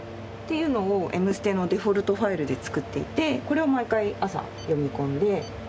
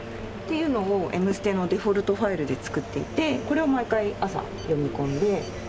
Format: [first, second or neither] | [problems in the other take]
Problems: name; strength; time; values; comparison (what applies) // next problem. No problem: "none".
first | background sound (Applause + Train); 13 dB below the speech